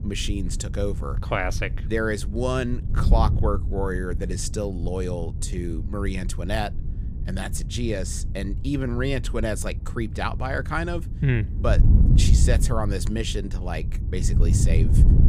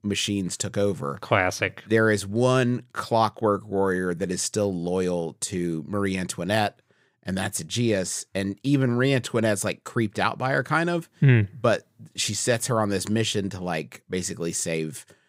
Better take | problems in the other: second | wind noise on the microphone; occasional gusts; 10 dB below the speech

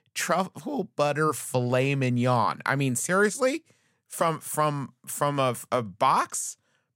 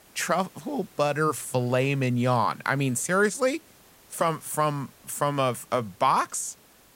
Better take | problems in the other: first | hiss; faint; throughout; 25 dB below the speech

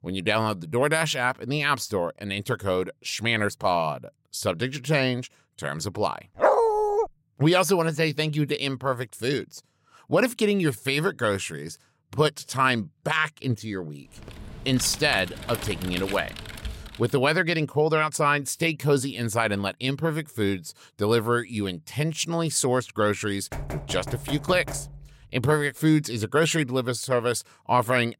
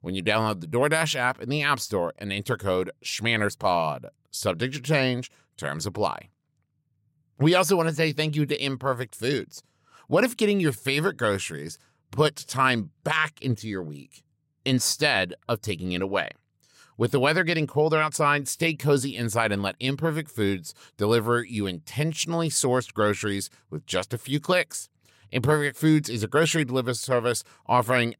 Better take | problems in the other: second | dog barking; loud; at 6.5 s; peak 5 dB above the speech // keyboard typing; noticeable; from 14 to 17 s; peak 9 dB below the speech // door banging; faint; from 24 to 25 s; peak 10 dB below the speech

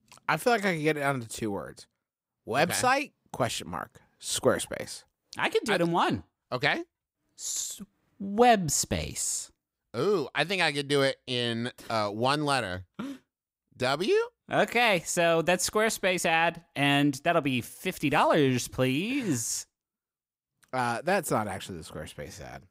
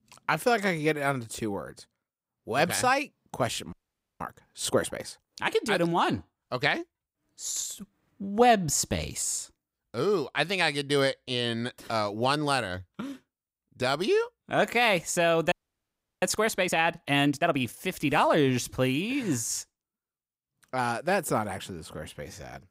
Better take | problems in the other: first | audio freezing; at 3.5 s and at 16 s for 0.5 s

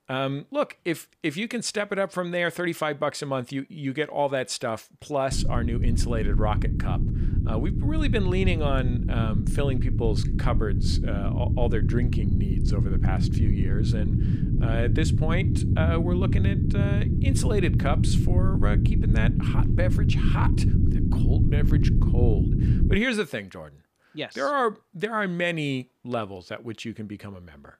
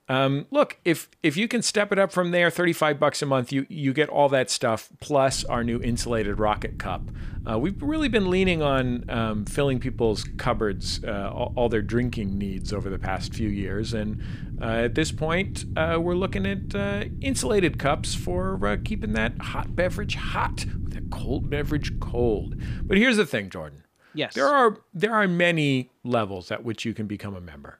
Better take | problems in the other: second | low rumble; loud; from 5.5 to 23 s; 6 dB below the speech; faint in the second

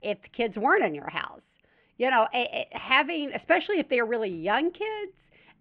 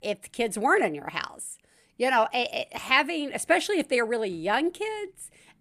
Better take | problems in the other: second | muffled; very; fading above 3 kHz

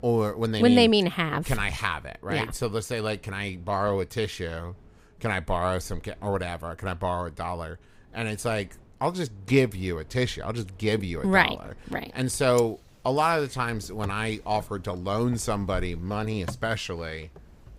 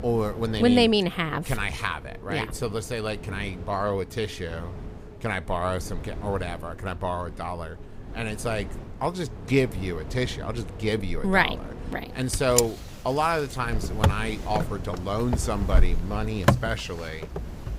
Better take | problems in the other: first | wind in the background; loud; throughout; 5 dB below the speech; faint in the first

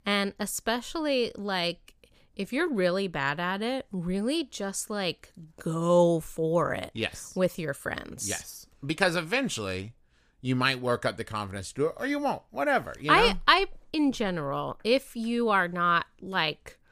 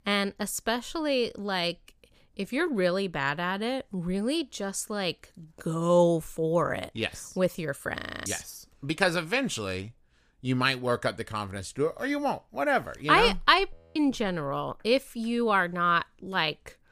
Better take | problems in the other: first | audio freezing; at 8 s and at 14 s

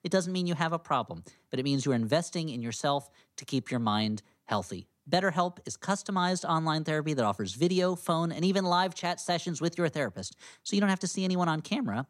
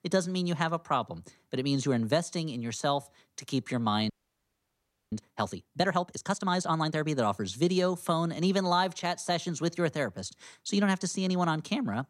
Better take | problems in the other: first | audio freezing; at 4 s for 1 s

